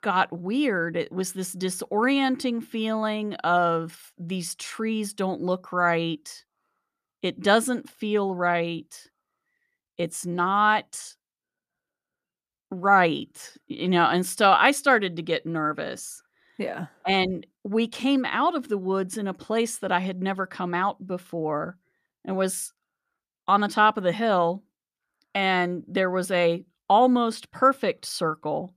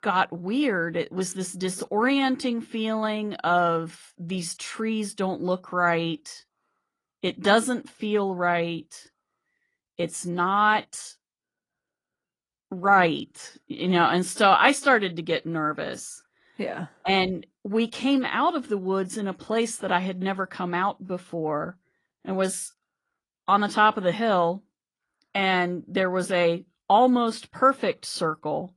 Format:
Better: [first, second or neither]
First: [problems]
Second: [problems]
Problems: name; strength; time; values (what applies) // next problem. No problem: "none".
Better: first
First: none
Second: garbled, watery; slightly; nothing above 10.5 kHz